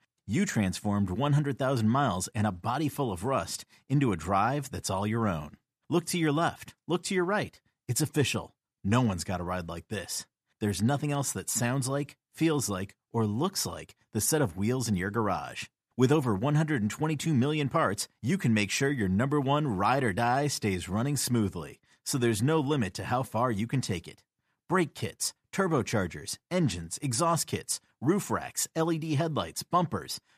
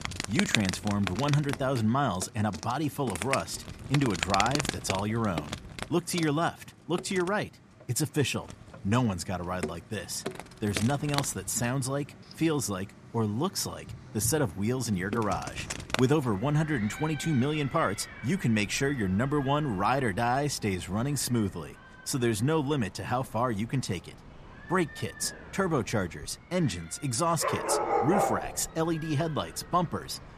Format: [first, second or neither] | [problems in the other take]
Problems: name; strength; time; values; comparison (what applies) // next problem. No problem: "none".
first | animal sounds; loud; throughout; 7 dB below the speech